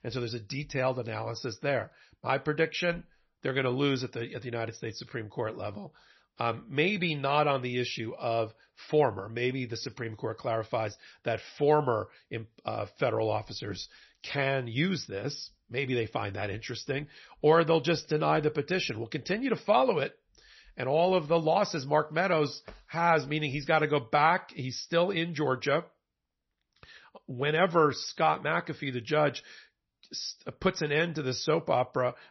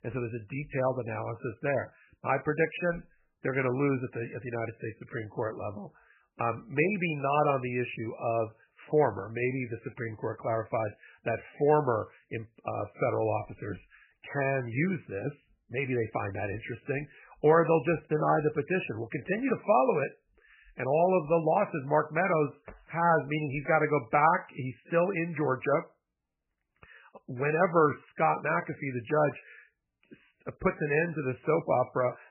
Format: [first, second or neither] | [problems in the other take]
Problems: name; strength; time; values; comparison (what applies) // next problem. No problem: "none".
first | garbled, watery; badly; nothing above 2.5 kHz; slightly in the first